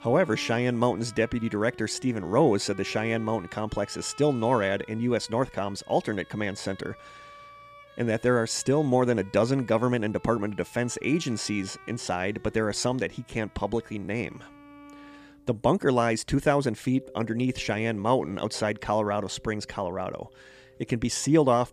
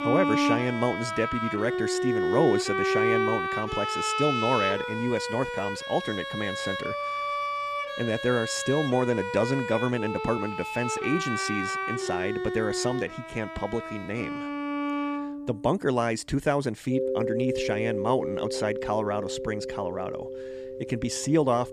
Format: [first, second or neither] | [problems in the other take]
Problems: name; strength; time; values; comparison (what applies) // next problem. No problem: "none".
first | background music; loud; throughout; 1 dB below the speech; faint in the first